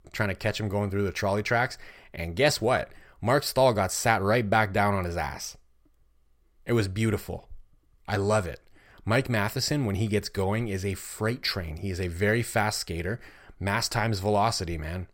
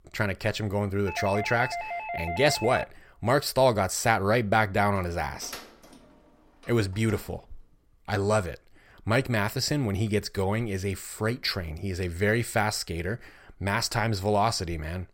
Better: first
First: none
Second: doorbell; noticeable; from 1 to 3 s; peak 6 dB below the speech // door banging; faint; from 5 to 7.5 s; peak 15 dB below the speech

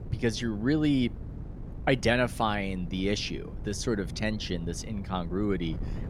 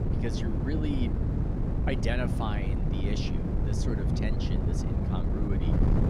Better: first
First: wind noise on the microphone; occasional gusts; 20 dB below the speech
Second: wind noise on the microphone; heavy; as loud as the speech

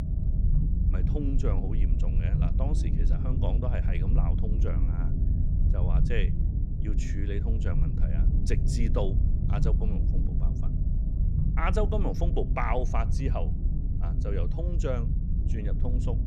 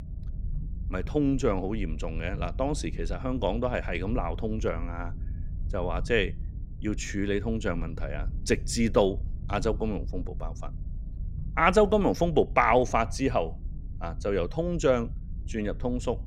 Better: second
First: low rumble; loud; throughout; 6 dB below the speech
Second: low rumble; faint; throughout; 25 dB below the speech

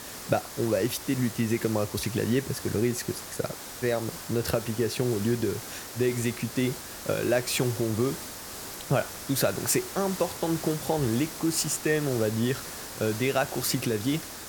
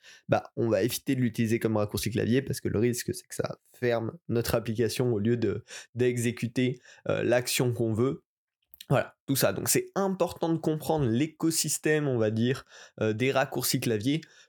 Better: second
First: hiss; loud; throughout; 9 dB below the speech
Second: none

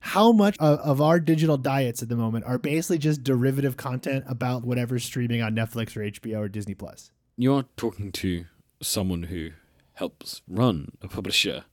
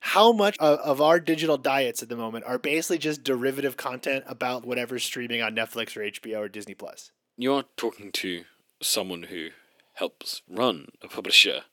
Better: first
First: none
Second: thin; somewhat; fading below 450 Hz

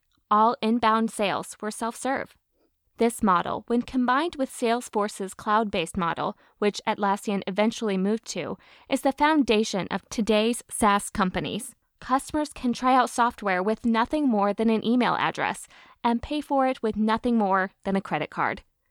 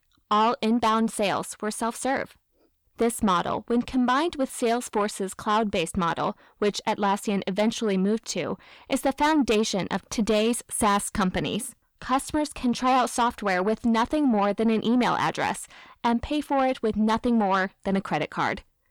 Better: first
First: none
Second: distortion; slight; 10 dB below the speech

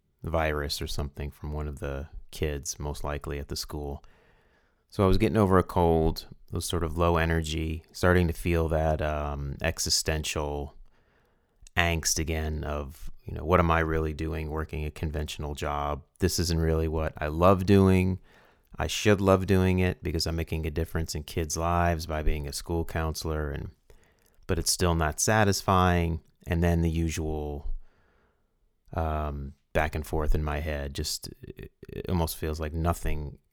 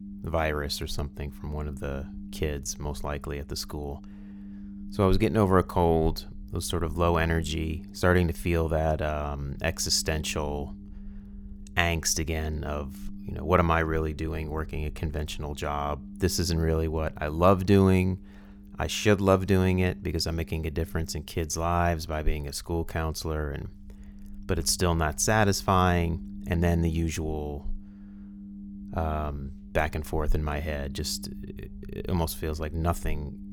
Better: first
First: none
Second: low rumble; faint; throughout; 25 dB below the speech

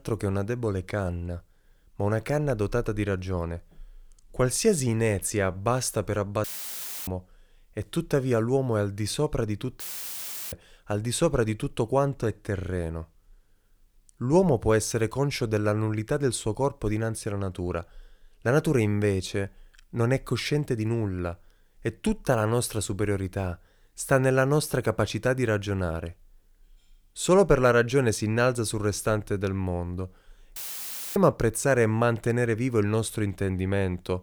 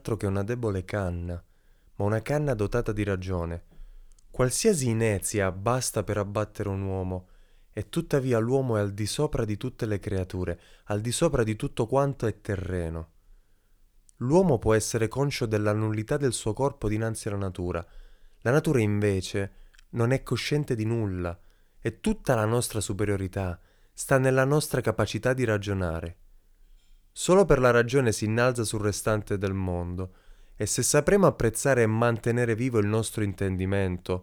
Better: second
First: audio cutting out; filled with static; at 6.5 s for 0.5 s, at 10 s for 0.5 s and at 31 s for 0.5 s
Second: none

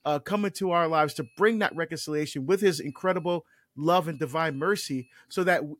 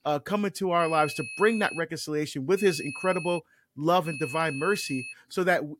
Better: first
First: high-pitched whine; faint; from 1 to 2 s, at 2.5 s and from 4 to 5 s; 2.5 kHz, 35 dB below the speech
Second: high-pitched whine; loud; from 1 to 2 s, at 2.5 s and from 4 to 5 s; 2.5 kHz, 10 dB below the speech

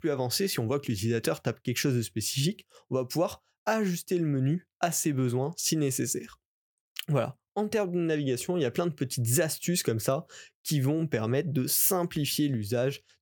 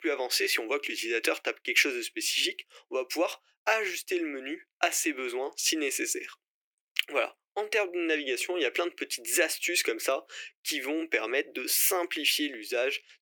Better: first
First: none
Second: thin; very; fading below 300 Hz

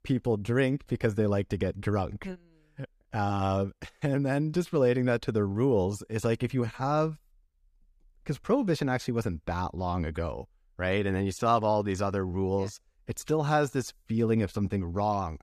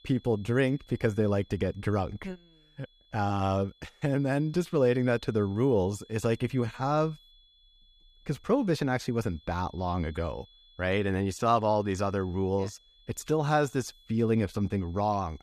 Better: first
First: none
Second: high-pitched whine; faint; throughout; 3.5 kHz, 30 dB below the speech

